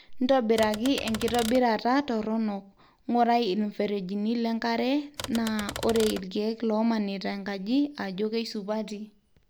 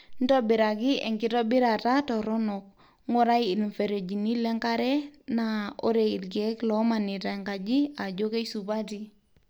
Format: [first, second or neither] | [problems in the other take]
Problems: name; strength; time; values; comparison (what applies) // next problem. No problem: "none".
second | background sound (Typewriter); 11 dB below the speech